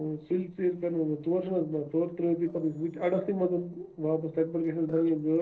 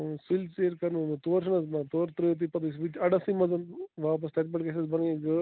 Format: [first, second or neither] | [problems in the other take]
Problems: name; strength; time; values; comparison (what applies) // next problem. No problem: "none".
second | noise reduction (neural separator model SepFormer DNS4)